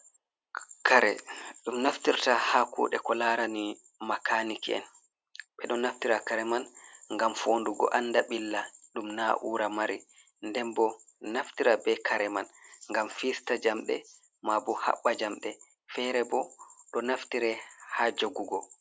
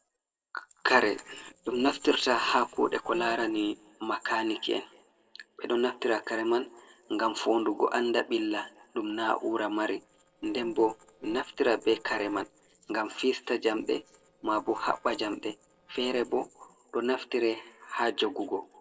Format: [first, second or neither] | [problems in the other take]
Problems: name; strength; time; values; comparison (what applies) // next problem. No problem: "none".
first | noise reduction (neural separator model SepFormer DNS4)